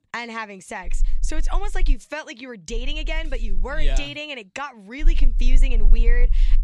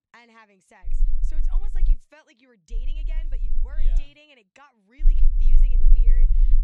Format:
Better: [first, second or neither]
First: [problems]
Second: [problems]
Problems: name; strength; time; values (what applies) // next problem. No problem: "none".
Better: first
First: low rumble; faint; from 1 to 2 s, from 2.5 to 4 s and from 5 s on; 25 dB below the speech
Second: low rumble; loud; from 1 to 2 s, from 2.5 to 4 s and from 5 s on; 3 dB below the speech